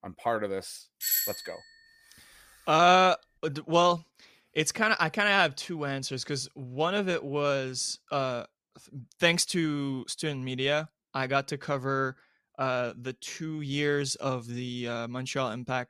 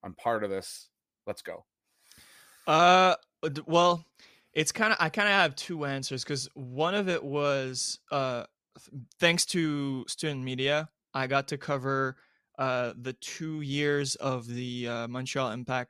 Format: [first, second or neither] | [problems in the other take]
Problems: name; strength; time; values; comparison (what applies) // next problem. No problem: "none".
second | doorbell; loud; at 1 s; peak 2 dB above the speech